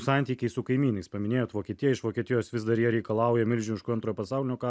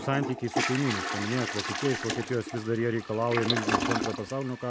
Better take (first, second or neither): first